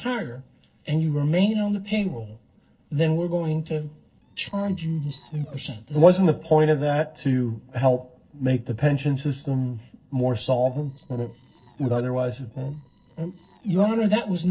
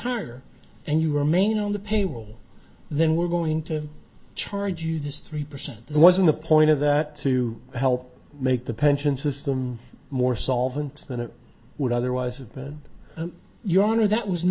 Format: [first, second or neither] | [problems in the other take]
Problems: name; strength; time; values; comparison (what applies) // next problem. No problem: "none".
second | noise reduction (neural separator model SepFormer DNS4)